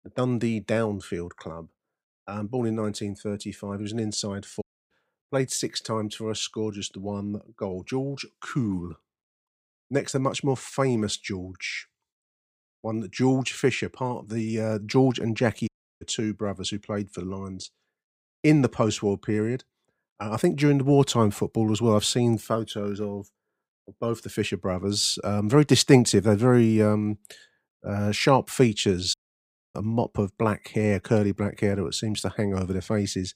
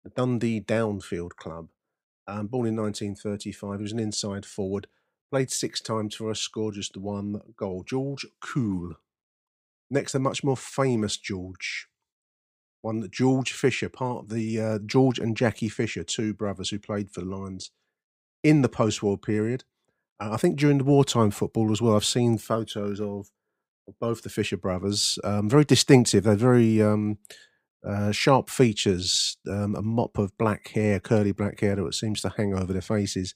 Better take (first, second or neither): second